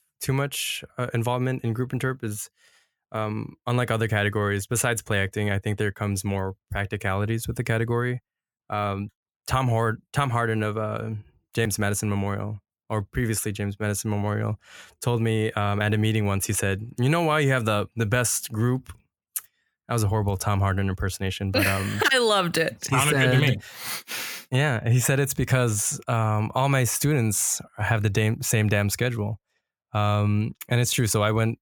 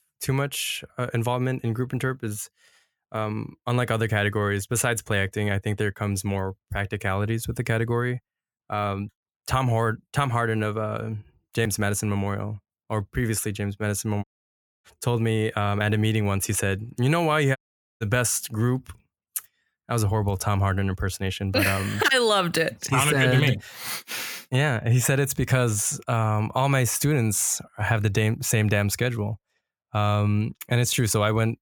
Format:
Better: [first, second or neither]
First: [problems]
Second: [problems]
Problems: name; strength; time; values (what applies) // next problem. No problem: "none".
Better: first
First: none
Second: audio cutting out; at 14 s for 0.5 s and at 18 s